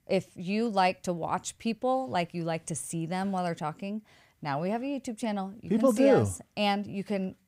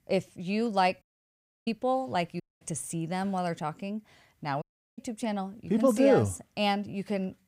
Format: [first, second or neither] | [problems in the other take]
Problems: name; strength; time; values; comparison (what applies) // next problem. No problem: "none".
first | audio cutting out; at 1 s for 0.5 s, at 2.5 s and at 4.5 s